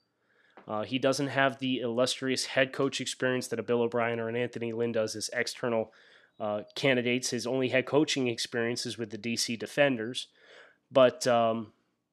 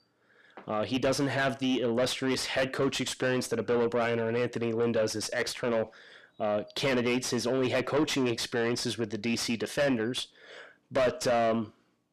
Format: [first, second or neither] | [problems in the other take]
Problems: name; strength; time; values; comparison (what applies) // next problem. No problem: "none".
first | distortion; heavy; 6 dB below the speech